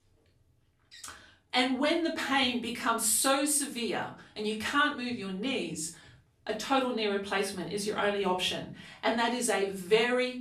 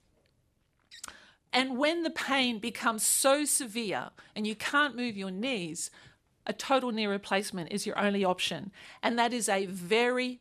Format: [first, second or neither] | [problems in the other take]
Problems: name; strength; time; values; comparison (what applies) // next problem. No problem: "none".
second | room echo; slight; dies away in 0.3 s // off-mic speech; far